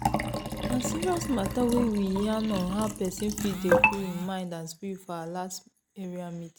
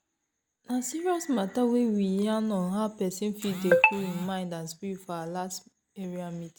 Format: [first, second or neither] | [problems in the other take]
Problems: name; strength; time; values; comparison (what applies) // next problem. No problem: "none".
second | background sound (Liquid); 6 dB below the speech